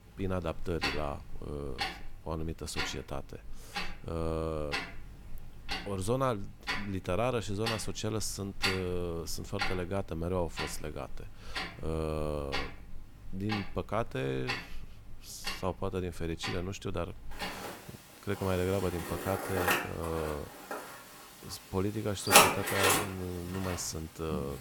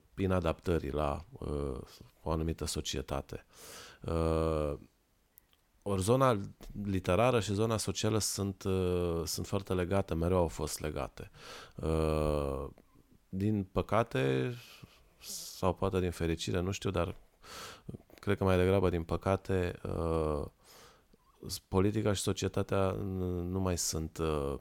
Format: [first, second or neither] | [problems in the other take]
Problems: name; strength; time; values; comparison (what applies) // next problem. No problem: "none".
second | household noises; very loud; throughout; 3 dB above the speech